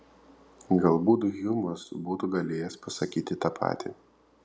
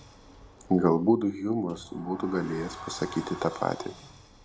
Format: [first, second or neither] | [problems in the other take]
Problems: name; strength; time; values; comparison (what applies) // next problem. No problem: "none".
first | background sound (Sliding door); 17 dB below the speech